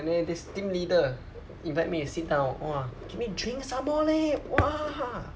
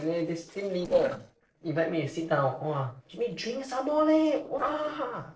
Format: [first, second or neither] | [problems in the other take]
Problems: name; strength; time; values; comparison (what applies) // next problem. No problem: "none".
first | noise reduction (neural separator model SepFormer DNS4)